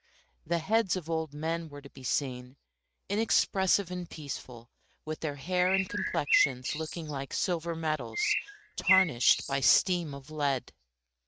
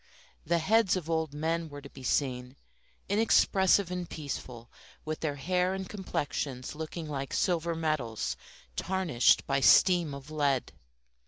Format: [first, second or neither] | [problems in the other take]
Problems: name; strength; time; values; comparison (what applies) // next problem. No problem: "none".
second | noise reduction (neural mask model RNNoise)